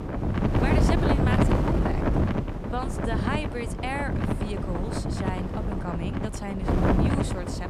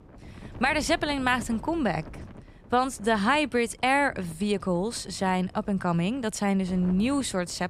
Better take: second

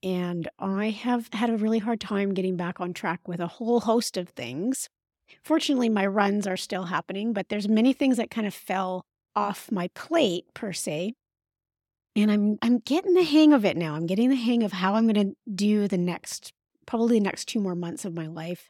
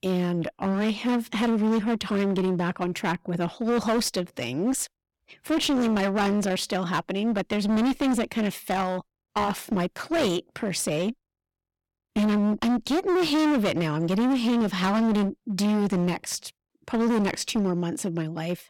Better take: first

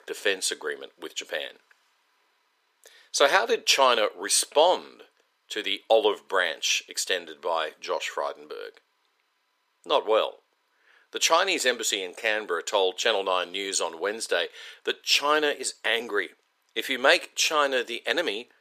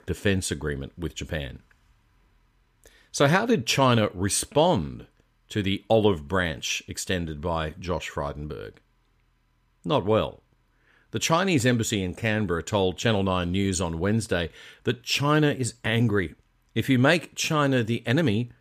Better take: second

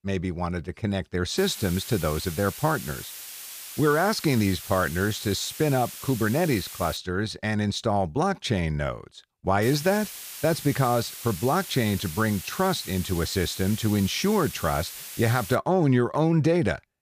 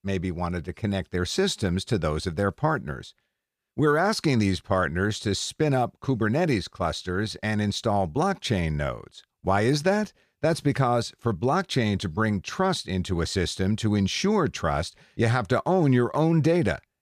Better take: second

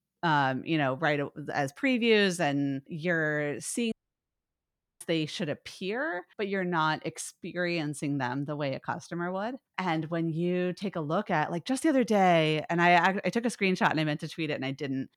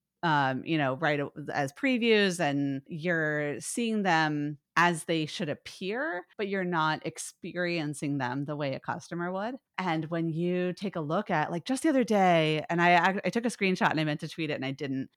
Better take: second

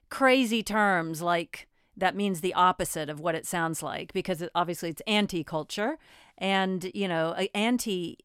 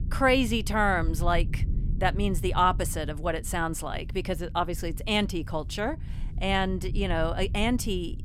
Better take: first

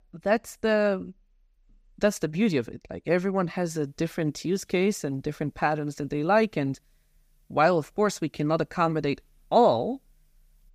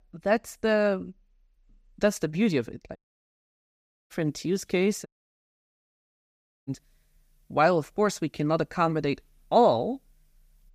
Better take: first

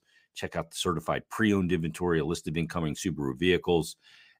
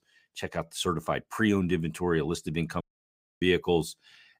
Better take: first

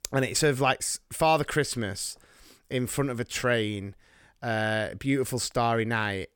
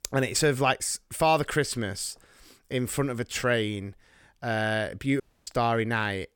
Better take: first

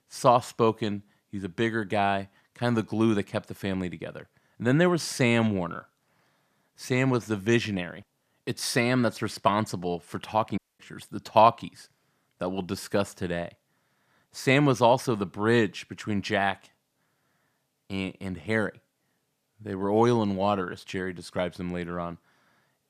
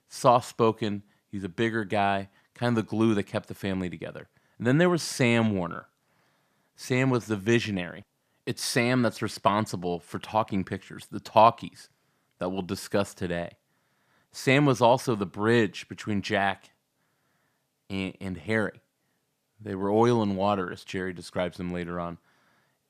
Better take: second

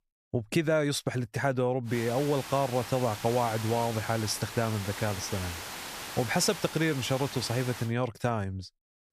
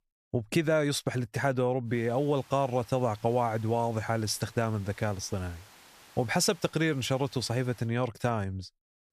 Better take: second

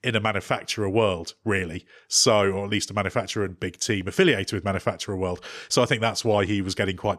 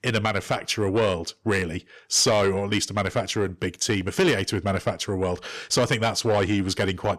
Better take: first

